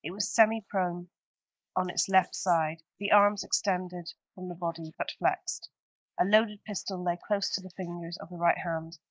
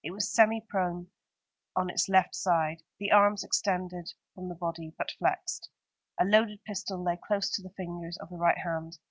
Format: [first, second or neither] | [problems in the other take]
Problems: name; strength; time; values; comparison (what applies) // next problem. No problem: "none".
second | noise reduction (neural mask model Resemble Enhance denoiser)